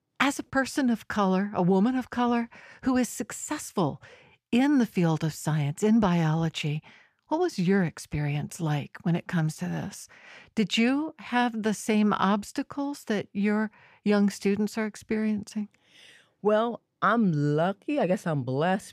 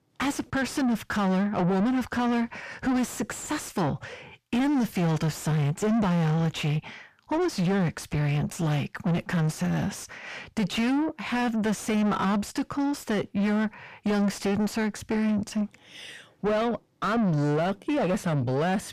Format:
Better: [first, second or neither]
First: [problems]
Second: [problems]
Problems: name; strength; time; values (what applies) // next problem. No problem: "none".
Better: first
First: none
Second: distortion; heavy; 7 dB below the speech